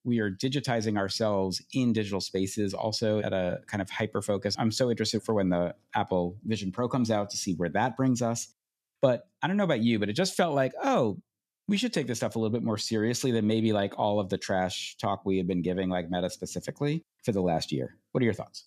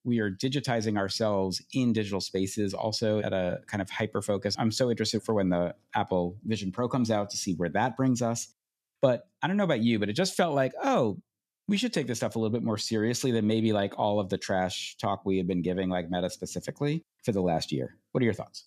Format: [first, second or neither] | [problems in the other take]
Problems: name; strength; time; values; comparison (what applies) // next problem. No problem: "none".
neither | none